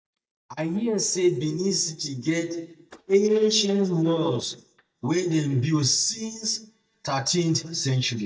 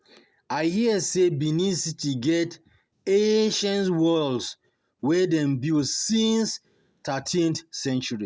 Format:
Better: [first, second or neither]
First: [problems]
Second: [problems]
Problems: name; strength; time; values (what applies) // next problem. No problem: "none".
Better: second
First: noise reduction (neural mask model DeepFilterNet 3)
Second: none